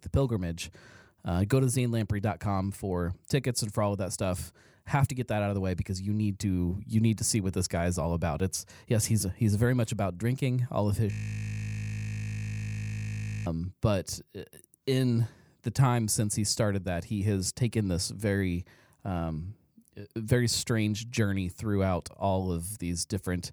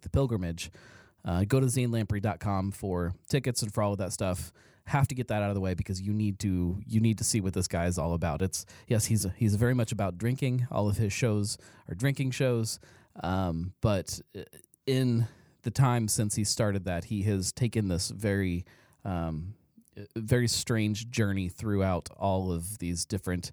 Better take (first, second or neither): second